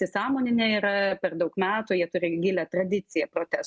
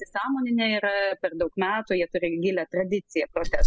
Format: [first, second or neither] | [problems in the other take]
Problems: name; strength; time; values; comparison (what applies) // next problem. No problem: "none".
first | noise reduction (classical method spectral subtraction)